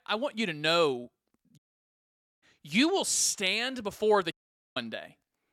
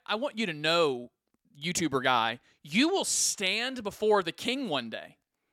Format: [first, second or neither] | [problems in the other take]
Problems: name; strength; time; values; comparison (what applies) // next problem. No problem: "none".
second | audio cutting out; at 1.5 s for 1 s and at 4.5 s